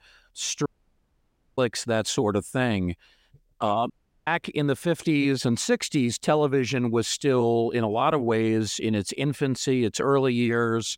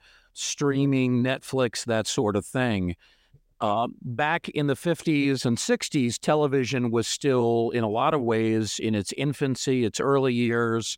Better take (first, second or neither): second